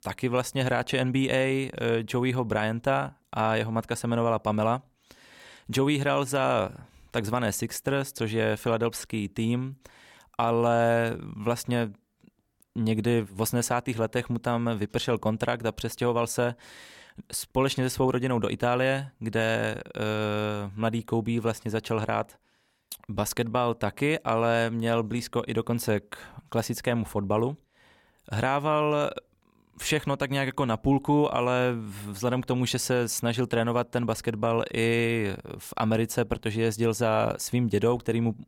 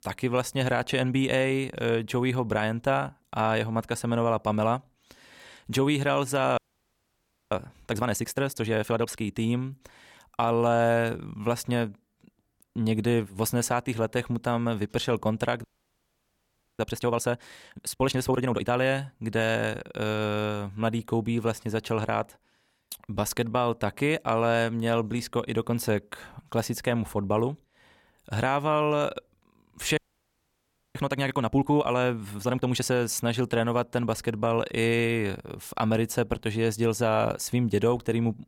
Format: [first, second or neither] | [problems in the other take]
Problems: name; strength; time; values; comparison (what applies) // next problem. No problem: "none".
first | audio freezing; at 6.5 s for 1 s, at 16 s for 1 s and at 30 s for 1 s